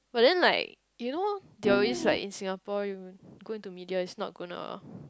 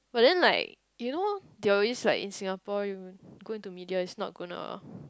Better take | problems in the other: second | background sound (Piano); 2 dB below the speech

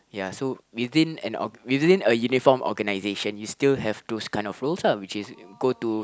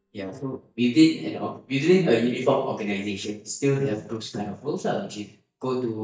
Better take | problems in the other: first | noise reduction (neural mask model DeepFilterNet 3)

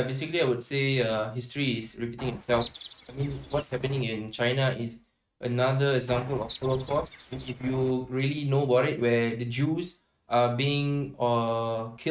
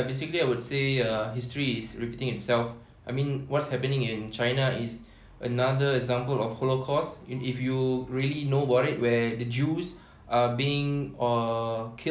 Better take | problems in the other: second | noise reduction (neural mask model RNNoise)

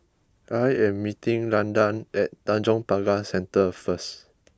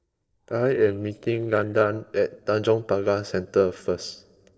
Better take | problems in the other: first | noise reduction (neural separator model SepFormer DNS4)

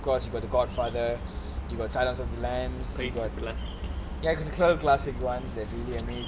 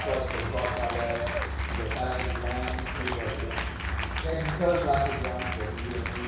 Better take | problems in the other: first | background sound (Applause / Cheering); 6 dB below the speech // room echo; dies away in 1.1 s

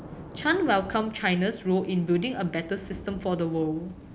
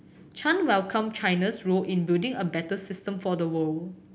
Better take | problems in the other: second | background sound (Thunder / Rain + Thunder); 16 dB below the speech

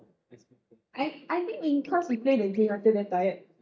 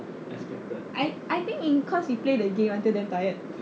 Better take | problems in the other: second | noise reduction (neural mask model DeepFilterNet 3)

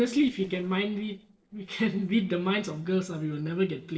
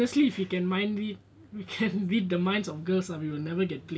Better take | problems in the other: second | noise reduction (neural separator model SepFormer DNS4)

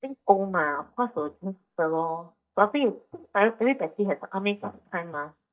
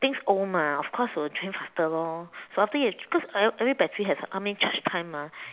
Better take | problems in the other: second | noise reduction (neural mask model DeepFilterNet 3)

